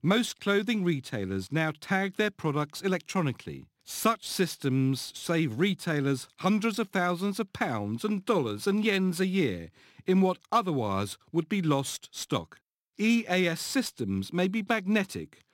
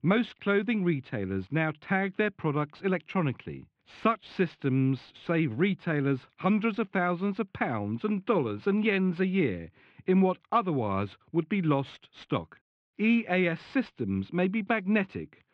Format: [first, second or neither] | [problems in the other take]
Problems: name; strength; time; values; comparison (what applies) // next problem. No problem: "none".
first | muffled; very; fading above 2.5 kHz